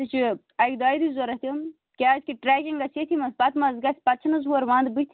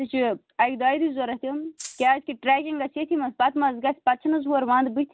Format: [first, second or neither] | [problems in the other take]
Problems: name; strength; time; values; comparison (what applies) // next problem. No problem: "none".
first | background sound (Rattle (instrument)); 15 dB below the speech